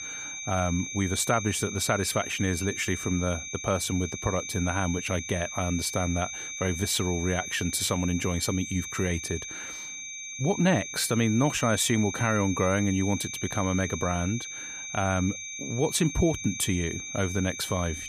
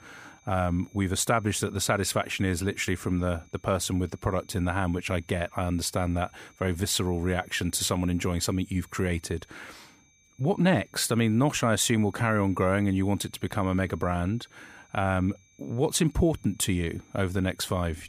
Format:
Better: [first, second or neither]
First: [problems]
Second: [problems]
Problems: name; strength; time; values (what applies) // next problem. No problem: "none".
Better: second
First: high-pitched whine; loud; throughout; 2.5 kHz, 7 dB below the speech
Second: high-pitched whine; faint; throughout; 2.5 kHz, 30 dB below the speech